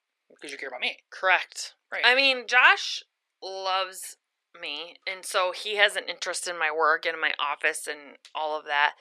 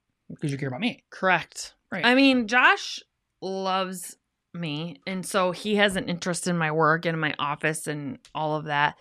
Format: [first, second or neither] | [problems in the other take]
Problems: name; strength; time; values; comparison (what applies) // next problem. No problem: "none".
second | thin; very; fading below 450 Hz